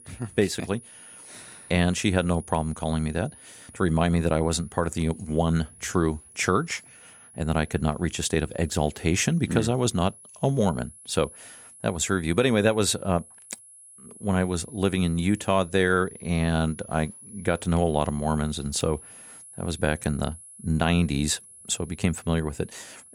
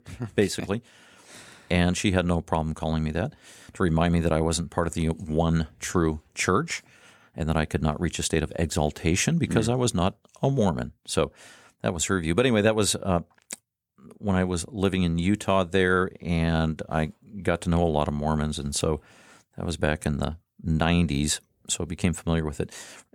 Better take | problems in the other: second | high-pitched whine; noticeable; throughout; 10.5 kHz, 20 dB below the speech

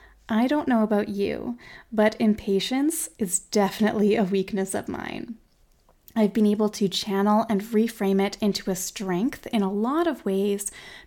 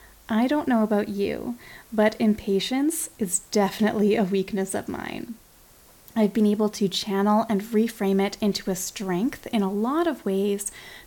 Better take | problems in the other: first | hiss; faint; throughout; 25 dB below the speech

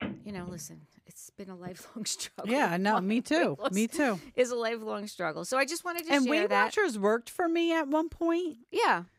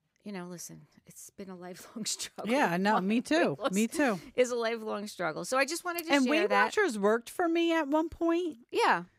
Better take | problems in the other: second | phone ringing; faint; until 1.5 s; peak 10 dB below the speech

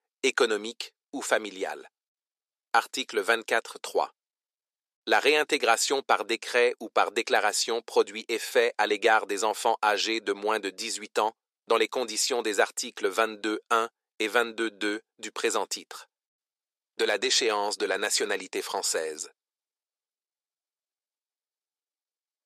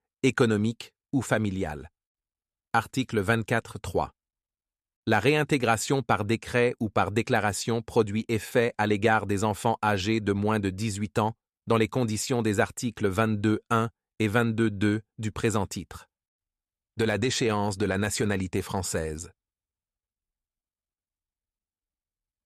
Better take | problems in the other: second | thin; very; fading below 400 Hz

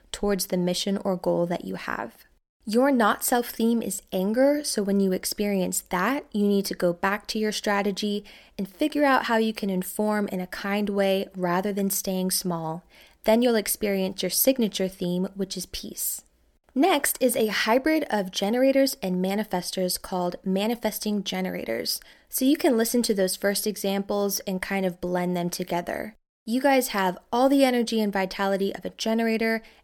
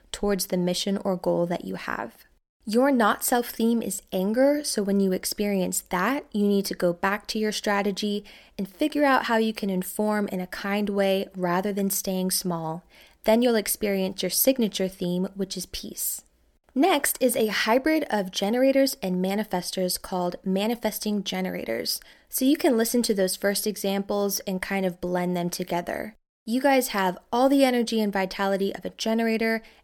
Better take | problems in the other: neither | none

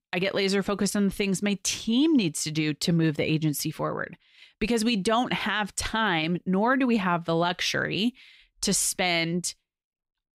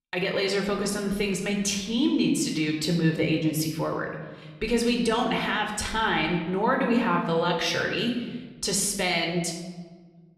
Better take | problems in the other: first | room echo; slight; dies away in 1.1 s

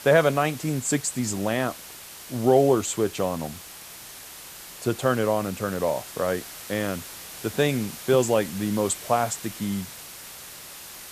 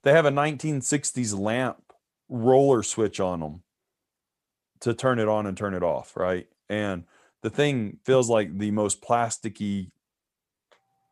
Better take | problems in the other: second | hiss; noticeable; throughout; 15 dB below the speech

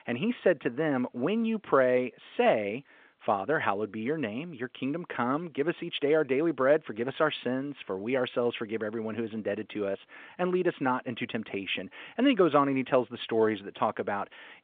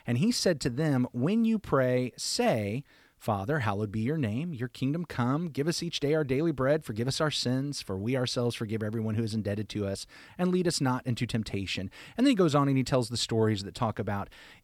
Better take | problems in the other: second | phone-call audio

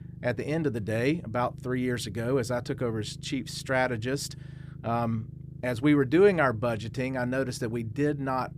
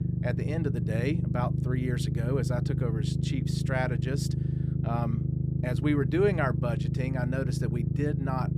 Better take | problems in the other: first | low rumble; loud; throughout; 5 dB below the speech; faint in the first

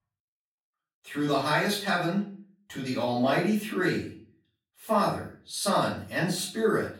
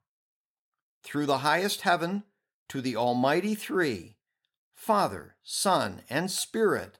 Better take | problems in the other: second | off-mic speech; far // room echo; slight; dies away in 0.4 s

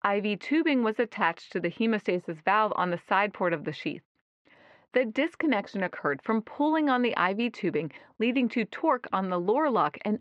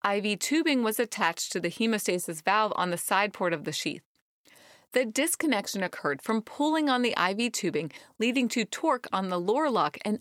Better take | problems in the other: second | muffled; very; fading above 2.5 kHz

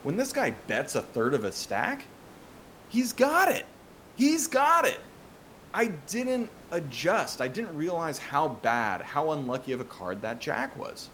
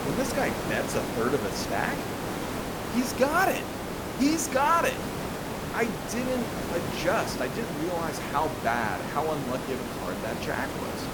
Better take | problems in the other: first | hiss; loud; throughout; 4 dB below the speech; faint in the first

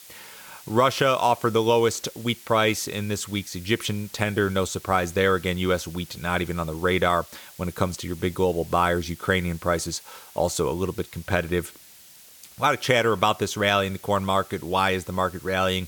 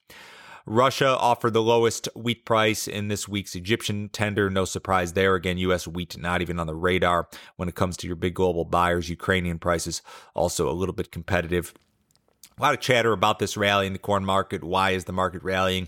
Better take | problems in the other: second | hiss; faint; throughout; 20 dB below the speech

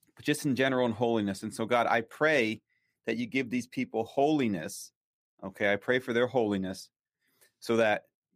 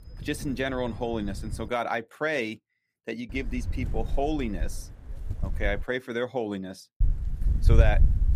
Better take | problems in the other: first | wind noise on the microphone; occasional gusts; until 1.5 s, from 3.5 to 6 s and from 7 s on; 15 dB below the speech

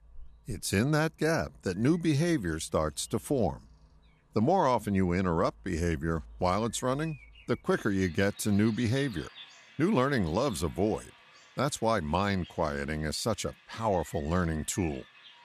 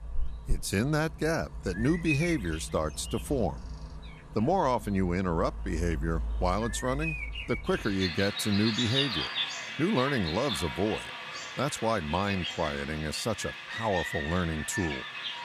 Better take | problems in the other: first | animal sounds; loud; throughout; 5 dB below the speech; faint in the first

